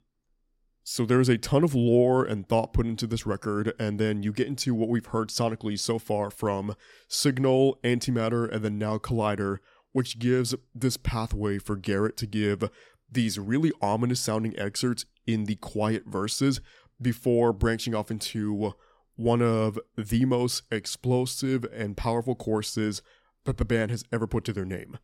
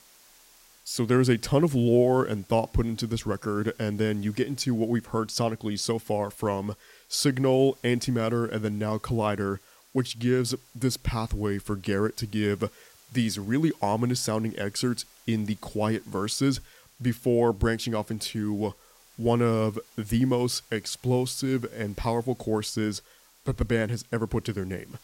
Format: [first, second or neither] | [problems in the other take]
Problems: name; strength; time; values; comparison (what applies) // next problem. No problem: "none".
first | hiss; faint; throughout; 25 dB below the speech